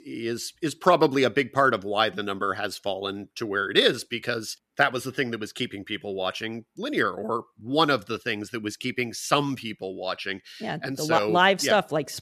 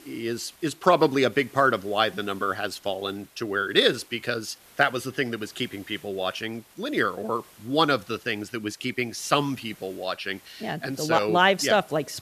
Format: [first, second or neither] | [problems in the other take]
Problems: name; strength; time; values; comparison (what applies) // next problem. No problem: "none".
first | hiss; faint; throughout; 25 dB below the speech